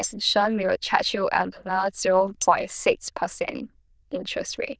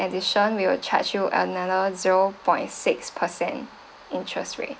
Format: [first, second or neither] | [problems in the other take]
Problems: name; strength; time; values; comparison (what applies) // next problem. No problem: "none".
second | noise reduction (neural diffusion model UNIVERSE++)